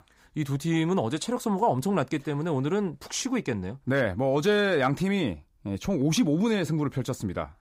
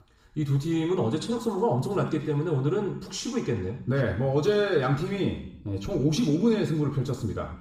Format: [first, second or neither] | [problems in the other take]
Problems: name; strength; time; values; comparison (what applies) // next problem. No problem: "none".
first | room echo; noticeable; dies away in 0.7 s // off-mic speech; far